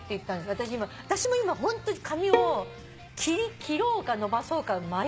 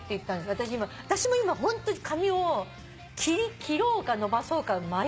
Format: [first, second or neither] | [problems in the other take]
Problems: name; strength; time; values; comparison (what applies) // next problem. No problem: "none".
second | background sound (Bowed string instrument); 2 dB below the speech